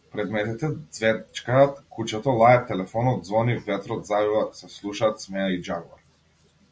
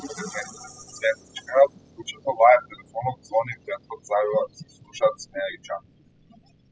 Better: first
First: none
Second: noise reduction (classical method spectral subtraction)

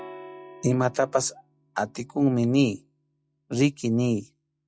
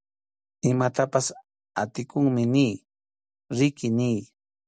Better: second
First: noise reduction (classical method log-MMSE)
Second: none

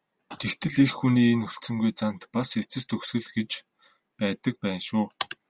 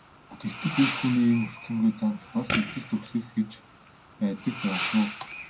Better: first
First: none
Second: background sound (Fireworks); 9 dB below the speech // room echo; dies away in 0.2 s

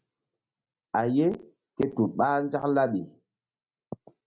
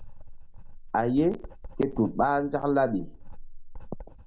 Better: first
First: none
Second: background sound (Writing); 11 dB below the speech

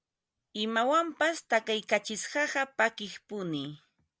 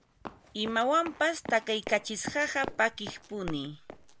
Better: first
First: none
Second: background sound (Run); 13 dB below the speech

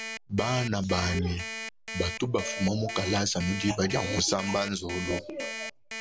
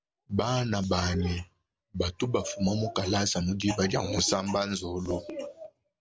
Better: second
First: background sound (Alarm); 9 dB below the speech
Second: none

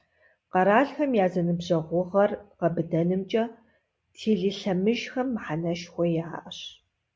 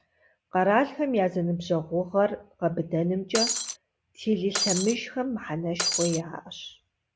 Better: first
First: none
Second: background sound (Shatter); as loud as the speech

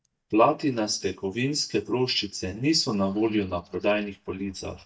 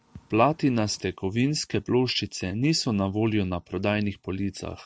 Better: second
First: noise reduction (neural mask model DeepFilterNet 3)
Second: none

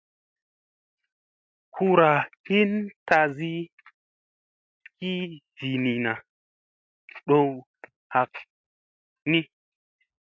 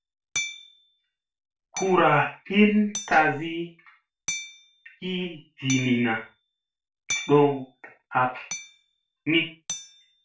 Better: first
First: none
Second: background sound (Hammer); 13 dB below the speech // room echo; dies away in 0.3 s

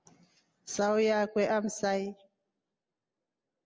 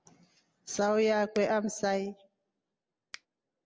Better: first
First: none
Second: background sound (Finger snapping); 18 dB below the speech

